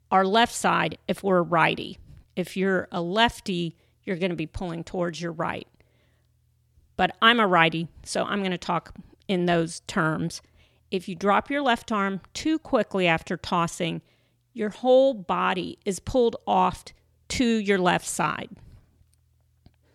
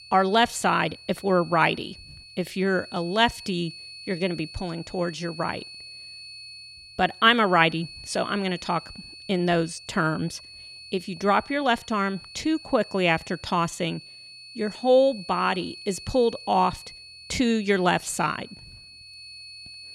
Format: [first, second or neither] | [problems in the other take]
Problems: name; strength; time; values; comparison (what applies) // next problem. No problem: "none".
first | high-pitched whine; noticeable; throughout; 4.5 kHz, 15 dB below the speech